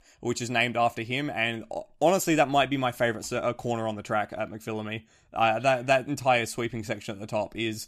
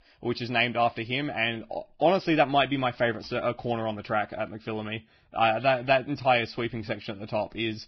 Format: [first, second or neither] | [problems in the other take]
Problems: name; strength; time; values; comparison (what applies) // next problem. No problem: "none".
first | garbled, watery; badly; nothing above 5.5 kHz